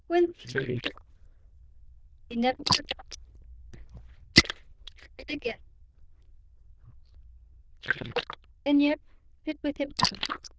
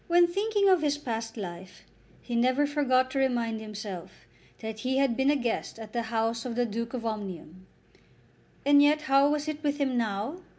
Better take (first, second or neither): second